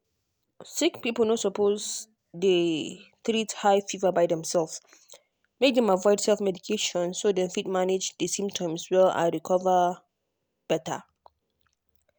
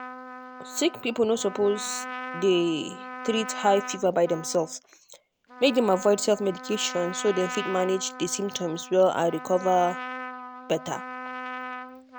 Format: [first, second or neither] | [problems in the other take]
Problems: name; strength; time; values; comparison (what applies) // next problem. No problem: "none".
first | background sound (Trumpet); 12 dB below the speech